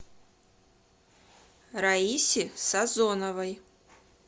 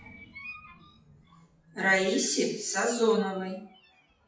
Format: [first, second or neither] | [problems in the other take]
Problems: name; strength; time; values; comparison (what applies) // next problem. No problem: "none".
first | noise reduction (classical method WPE with log-MMSE)